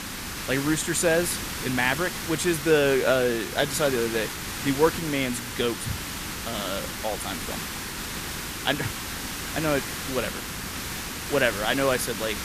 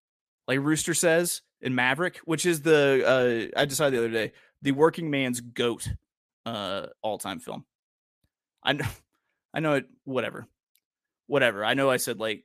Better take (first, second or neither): second